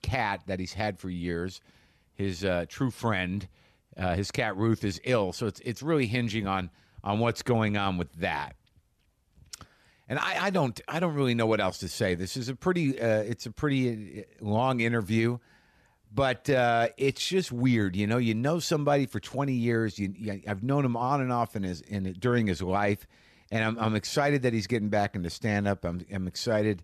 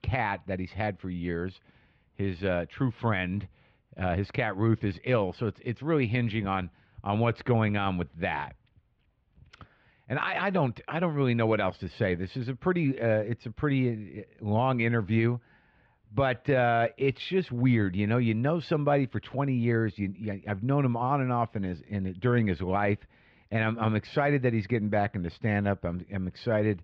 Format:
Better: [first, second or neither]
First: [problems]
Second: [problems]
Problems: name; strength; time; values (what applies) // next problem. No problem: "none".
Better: first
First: none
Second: muffled; slightly; fading above 3 kHz